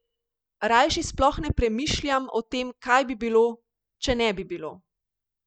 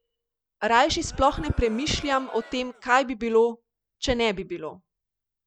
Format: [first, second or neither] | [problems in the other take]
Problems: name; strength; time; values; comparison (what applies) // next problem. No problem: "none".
first | background sound (Crowd); 19 dB below the speech